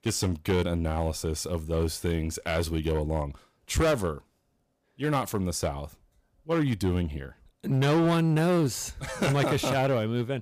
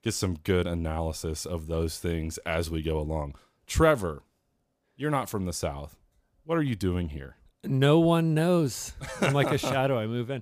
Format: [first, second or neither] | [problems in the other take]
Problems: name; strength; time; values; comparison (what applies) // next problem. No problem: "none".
second | distortion; slight; 8% of the sound clipped